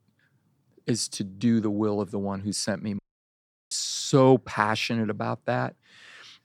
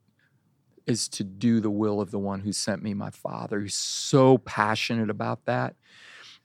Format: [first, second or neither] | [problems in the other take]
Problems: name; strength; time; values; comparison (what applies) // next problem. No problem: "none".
second | audio cutting out; at 3 s for 0.5 s